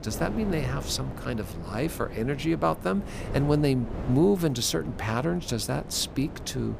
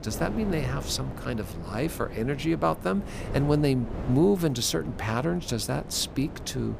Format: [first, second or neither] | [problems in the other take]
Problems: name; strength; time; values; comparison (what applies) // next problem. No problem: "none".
neither | wind noise on the microphone; occasional gusts; 15 dB below the speech; the same in both